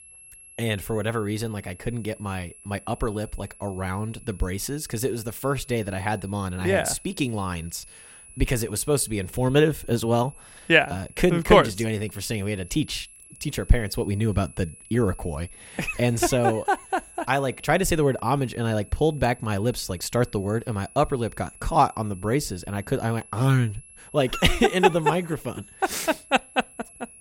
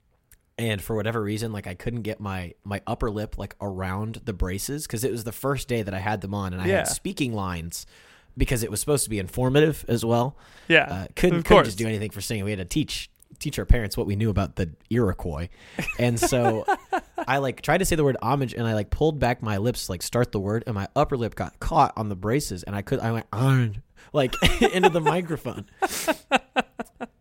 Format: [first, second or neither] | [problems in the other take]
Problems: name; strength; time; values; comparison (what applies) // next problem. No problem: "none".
second | high-pitched whine; faint; throughout; 11 kHz, 20 dB below the speech